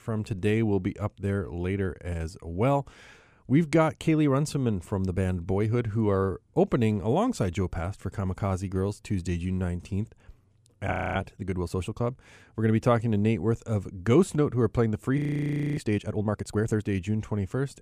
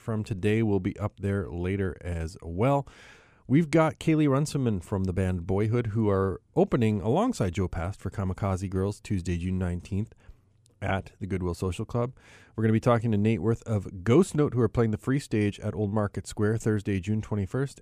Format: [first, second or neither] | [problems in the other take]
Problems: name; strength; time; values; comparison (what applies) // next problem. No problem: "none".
second | audio freezing; at 11 s and at 15 s for 0.5 s